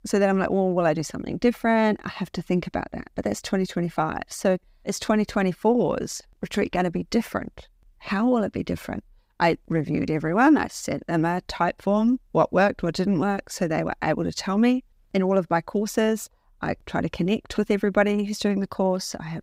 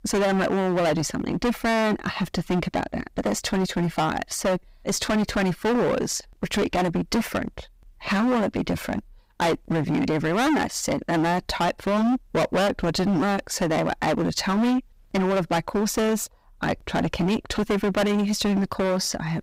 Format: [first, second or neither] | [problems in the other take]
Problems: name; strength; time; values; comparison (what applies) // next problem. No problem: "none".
first | distortion; heavy; 21% of the sound clipped